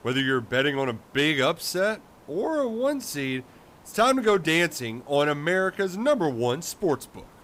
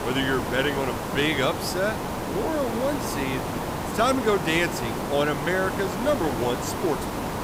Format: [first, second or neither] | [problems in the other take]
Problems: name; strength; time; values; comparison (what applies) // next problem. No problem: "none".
first | hiss; loud; throughout; 3 dB below the speech; faint in the first